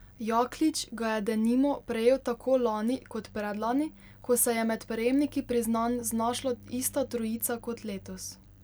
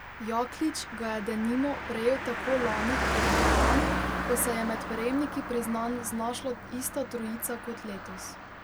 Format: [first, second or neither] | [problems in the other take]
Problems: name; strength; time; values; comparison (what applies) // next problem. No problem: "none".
first | background sound (Car passing by); as loud as the speech